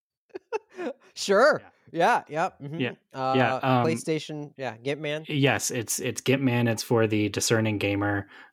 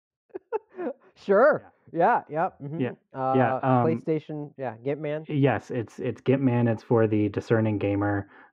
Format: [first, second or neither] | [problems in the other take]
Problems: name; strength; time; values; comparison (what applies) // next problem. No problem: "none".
first | muffled; very; fading above 4 kHz